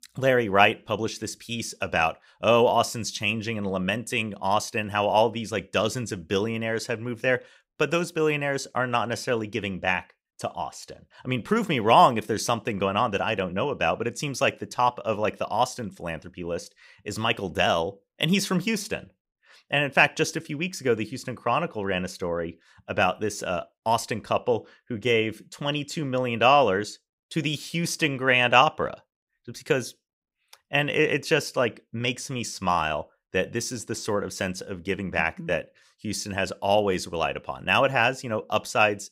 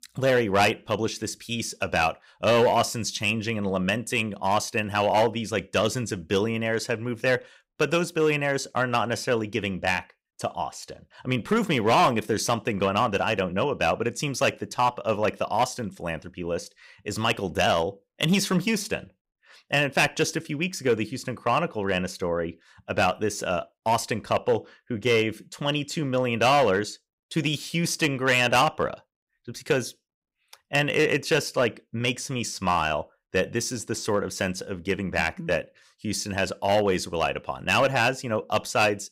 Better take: first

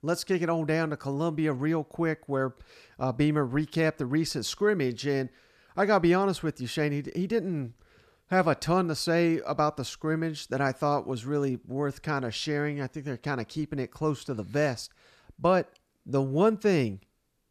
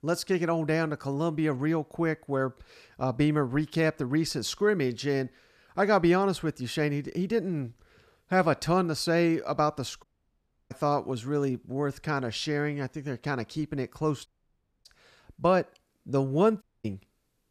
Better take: first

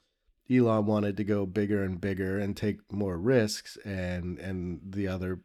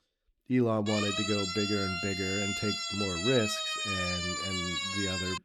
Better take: first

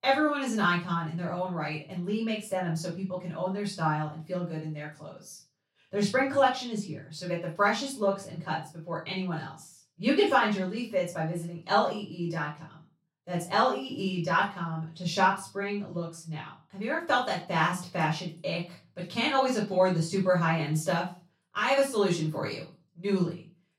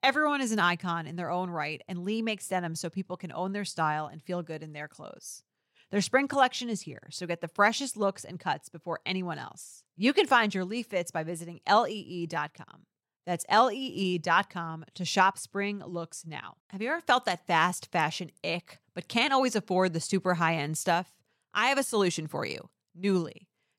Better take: second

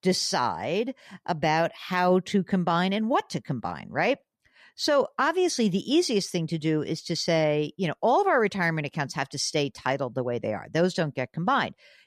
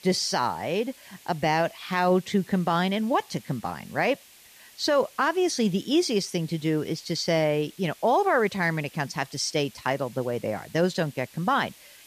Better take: first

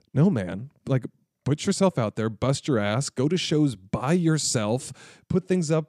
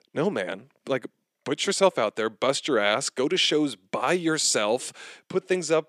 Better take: first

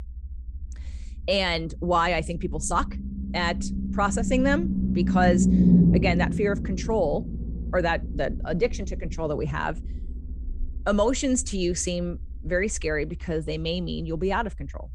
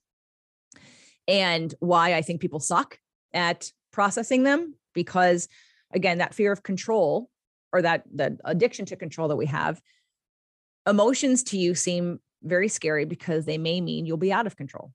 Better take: second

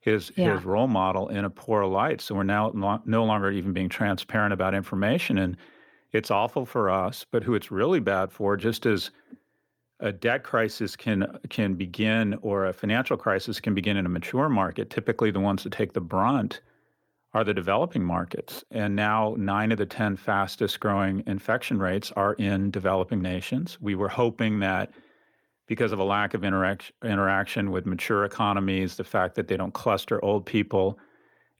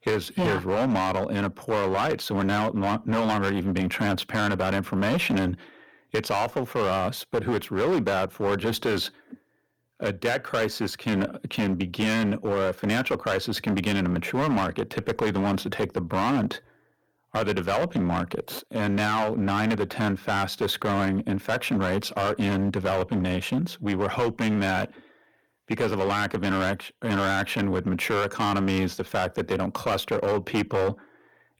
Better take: first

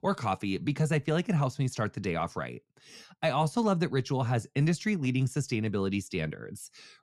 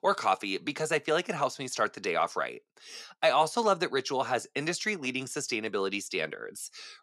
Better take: first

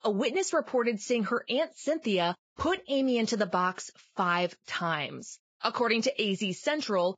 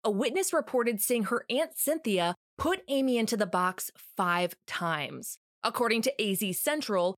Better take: second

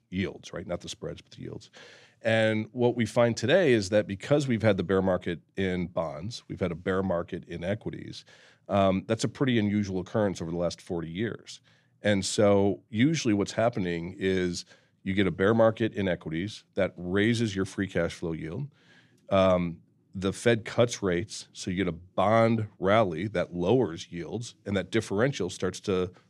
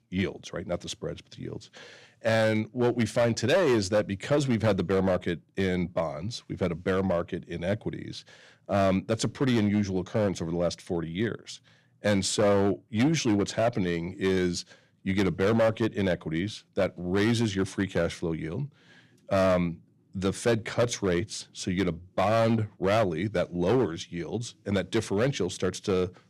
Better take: first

